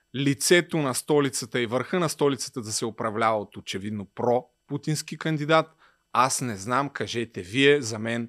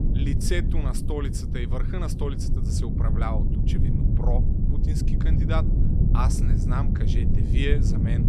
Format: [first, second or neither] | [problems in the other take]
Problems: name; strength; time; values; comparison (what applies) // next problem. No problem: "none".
first | low rumble; loud; throughout; 2 dB below the speech